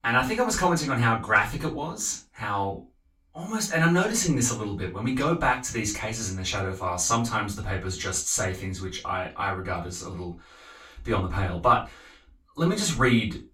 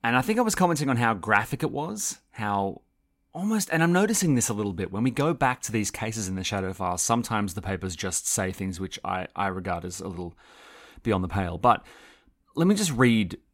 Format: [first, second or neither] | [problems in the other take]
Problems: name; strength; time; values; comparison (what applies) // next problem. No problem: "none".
second | room echo; slight; dies away in 0.2 s // off-mic speech; far